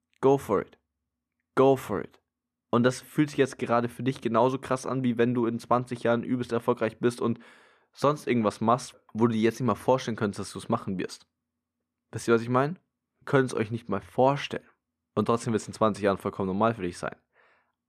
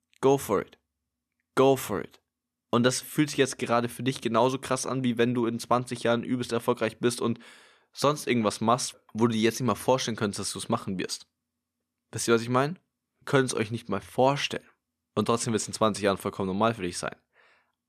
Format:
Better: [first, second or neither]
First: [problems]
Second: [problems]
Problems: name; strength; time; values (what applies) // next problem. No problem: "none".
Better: second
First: muffled; slightly; fading above 2.5 kHz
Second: none